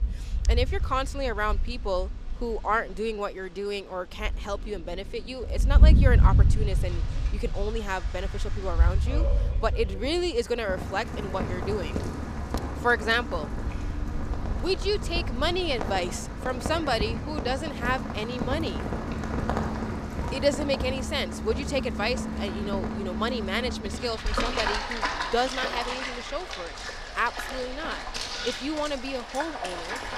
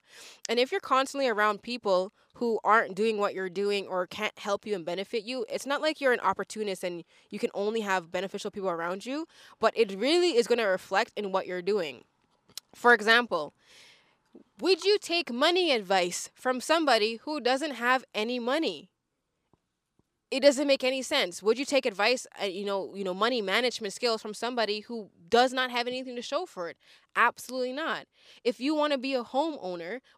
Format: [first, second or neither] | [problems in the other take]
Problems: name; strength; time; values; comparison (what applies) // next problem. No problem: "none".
second | rain or running water; very loud; throughout; 1 dB above the speech